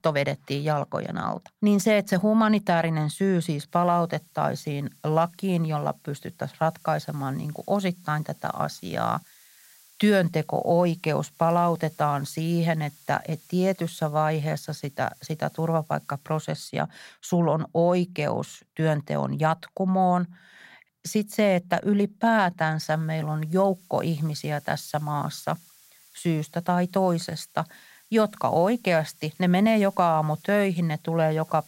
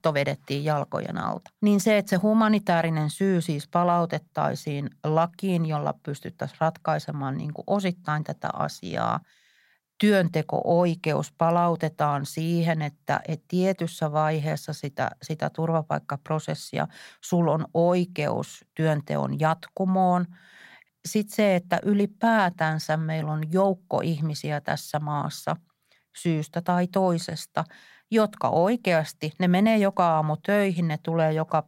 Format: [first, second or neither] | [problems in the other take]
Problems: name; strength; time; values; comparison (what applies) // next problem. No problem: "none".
second | hiss; faint; from 3.5 to 16 s and from 23 s on; 25 dB below the speech